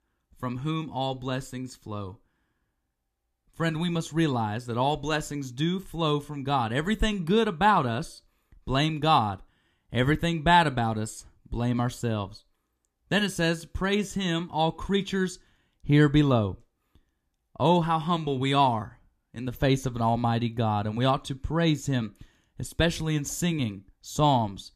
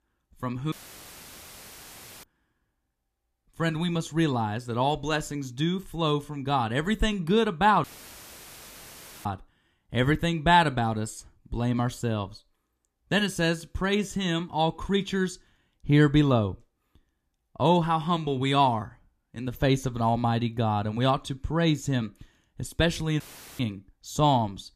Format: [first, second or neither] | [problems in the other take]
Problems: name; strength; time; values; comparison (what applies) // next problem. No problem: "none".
first | audio cutting out; filled with static; at 0.5 s for 1.5 s, at 8 s for 1.5 s and at 23 s